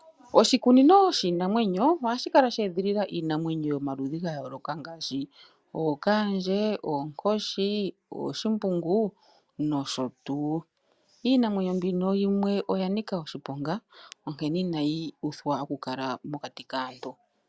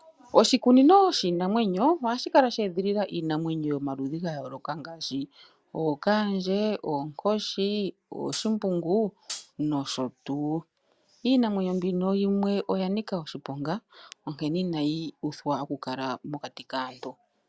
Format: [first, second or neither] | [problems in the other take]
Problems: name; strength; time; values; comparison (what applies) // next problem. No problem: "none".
first | background sound (Hi-hat); 12 dB below the speech